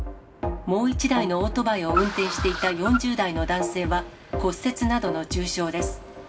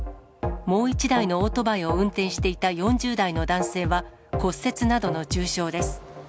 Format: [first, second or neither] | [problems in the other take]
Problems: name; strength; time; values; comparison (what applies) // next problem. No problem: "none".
second | background sound (Car); 11 dB below the speech // room echo; dies away in 0.2 s